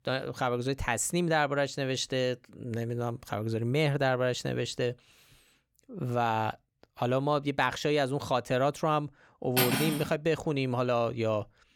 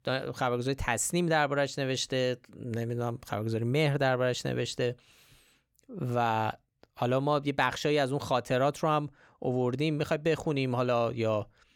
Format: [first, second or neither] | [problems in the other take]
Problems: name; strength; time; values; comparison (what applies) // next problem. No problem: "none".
second | clattering dishes; loud; at 9.5 s; peak 3 dB above the speech